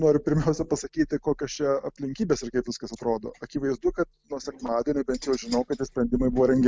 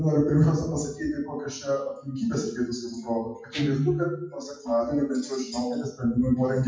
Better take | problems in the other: first | noise reduction (classical method WPE with log-MMSE)

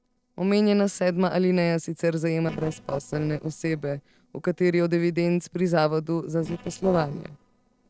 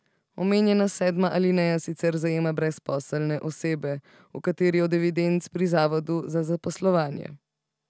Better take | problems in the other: second | noise reduction (neural separator model SepFormer DNS4)

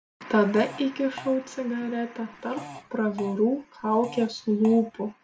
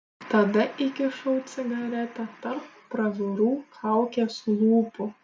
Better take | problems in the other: second | background sound (Fart); 19 dB below the speech

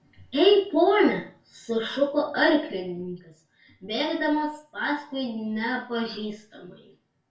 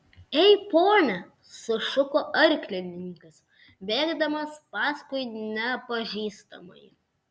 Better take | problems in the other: second | room echo; dies away in 0.3 s

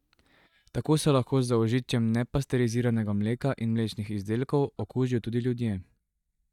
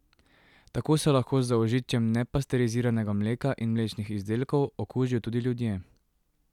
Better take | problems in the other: second | noise reduction (neural mask model DeepFilterNet 3)

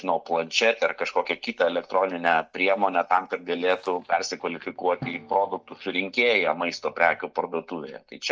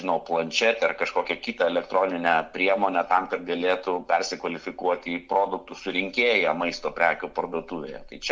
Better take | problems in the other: second | noise reduction (neural mask model DeepFilterNet 3)

